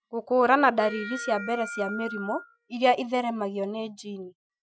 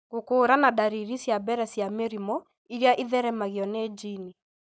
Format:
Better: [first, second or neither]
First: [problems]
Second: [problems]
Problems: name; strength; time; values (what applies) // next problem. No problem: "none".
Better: second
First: noise reduction (classical method Wiener filter)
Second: none